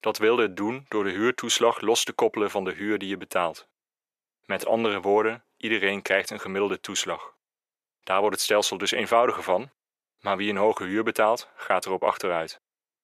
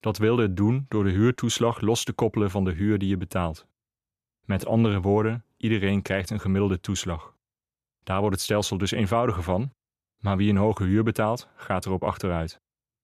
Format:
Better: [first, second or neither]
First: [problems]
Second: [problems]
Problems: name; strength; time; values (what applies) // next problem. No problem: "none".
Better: second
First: thin; very; fading below 500 Hz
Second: none